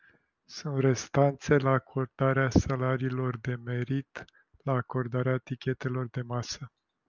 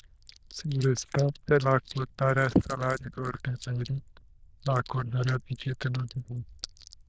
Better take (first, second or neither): first